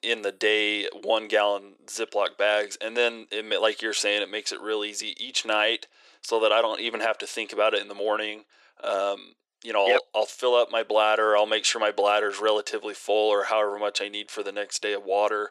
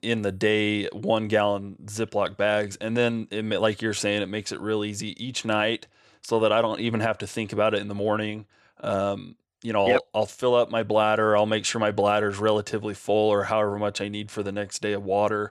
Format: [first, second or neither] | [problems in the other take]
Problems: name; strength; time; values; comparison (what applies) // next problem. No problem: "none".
second | thin; very; fading below 350 Hz